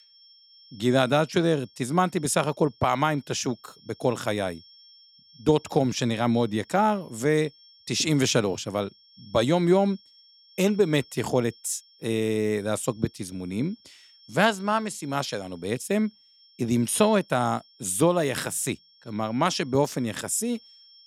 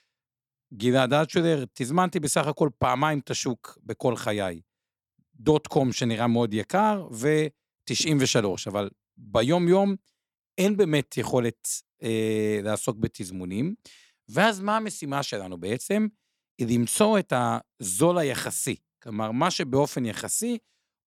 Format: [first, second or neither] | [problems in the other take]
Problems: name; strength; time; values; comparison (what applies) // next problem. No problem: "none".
second | high-pitched whine; faint; throughout; 5.5 kHz, 25 dB below the speech